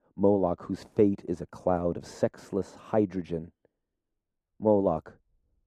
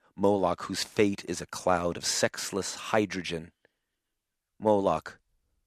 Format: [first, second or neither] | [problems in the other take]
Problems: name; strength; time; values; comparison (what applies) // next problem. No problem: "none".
second | muffled; very; fading above 1 kHz